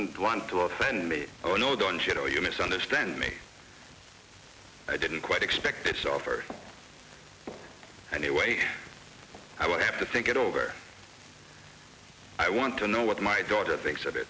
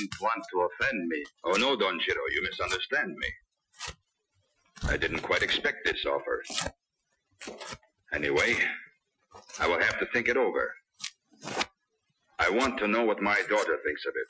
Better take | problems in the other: first | noise reduction (classical method Wiener filter)

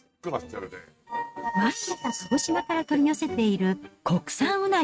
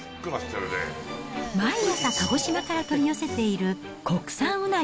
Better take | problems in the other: second | noise reduction (neural mask model RNNoise)

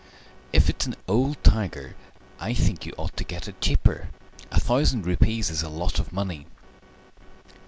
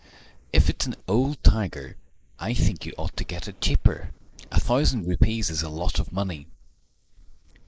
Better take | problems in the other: first | noise reduction (neural mask model Resemble Enhance denoiser)

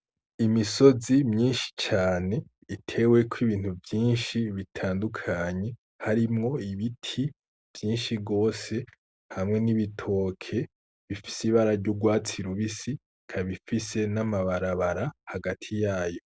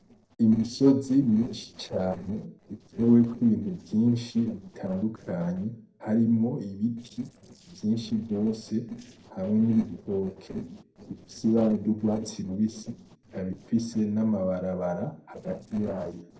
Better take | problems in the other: first | noise reduction (neural separator model SepFormer DNS4)

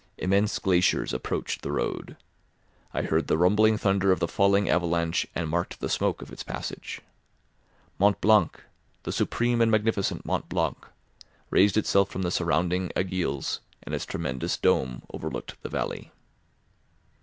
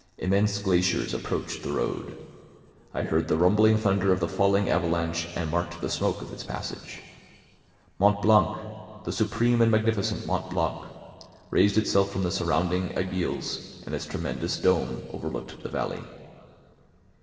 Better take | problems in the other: first | room echo; dies away in 2.7 s

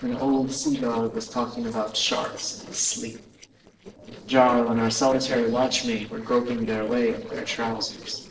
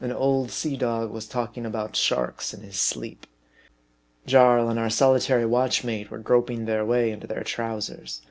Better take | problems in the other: second | noise reduction (neural separator model SepFormer DNS4)

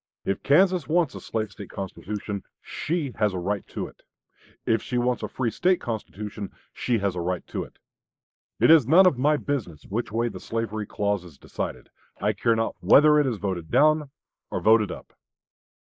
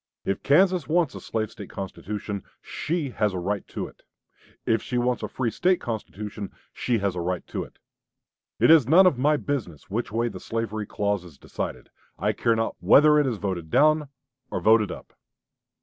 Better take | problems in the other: second | noise reduction (neural mask model Resemble Enhance denoiser)

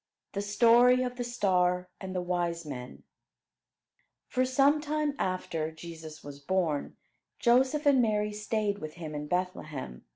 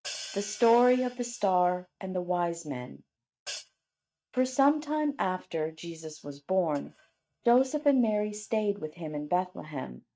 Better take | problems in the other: first | noise reduction (neural mask model RNNoise)

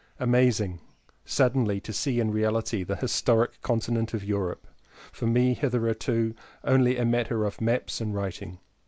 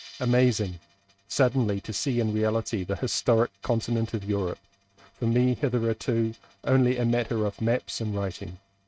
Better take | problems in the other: first | noise reduction (neural mask model RNNoise)

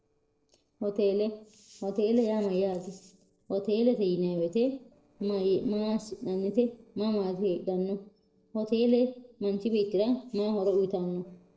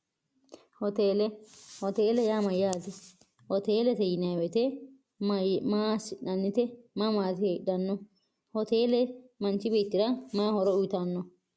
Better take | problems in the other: second | noise reduction (neural separator model SepFormer DNS4)

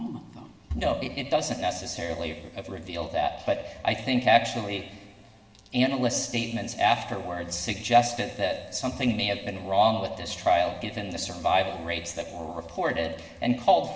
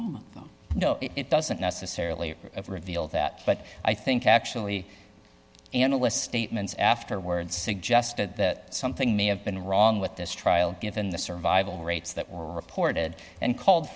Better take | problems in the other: second | room echo; dies away in 2.7 s

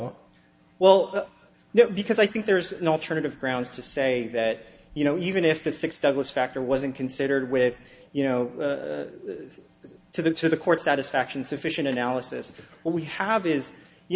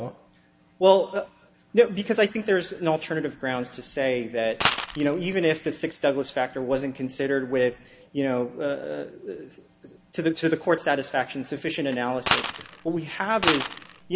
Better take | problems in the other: first | background sound (Coin (dropping)); 2 dB below the speech

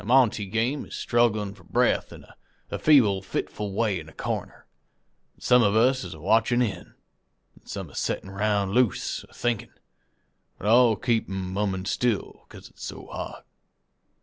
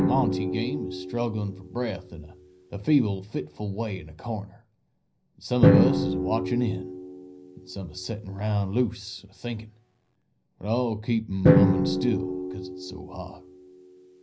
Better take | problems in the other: first | background sound (Drum); 1 dB above the speech // room echo; dies away in 0.4 s

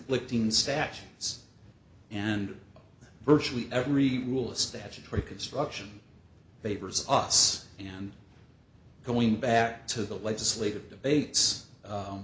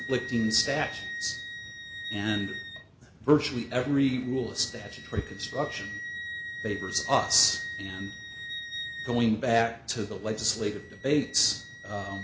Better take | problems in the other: first | background sound (Wind instrument, woodwind instrument); 10 dB below the speech

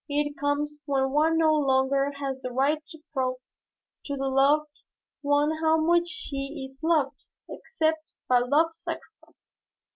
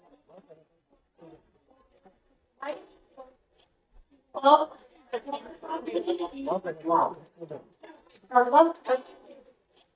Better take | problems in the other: first | noise reduction (neural mask model DeepFilterNet 3)

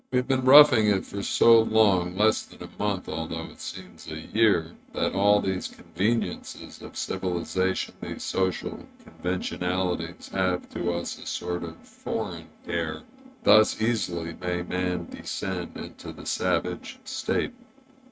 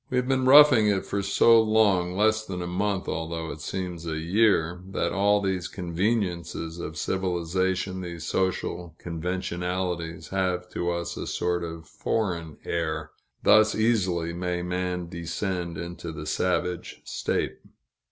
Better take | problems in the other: second | noise reduction (neural mask model RNNoise)

